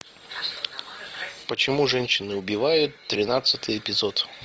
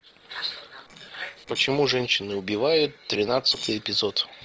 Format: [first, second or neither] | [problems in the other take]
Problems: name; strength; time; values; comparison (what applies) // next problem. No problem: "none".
first | noise reduction (neural separator model SepFormer DNS4)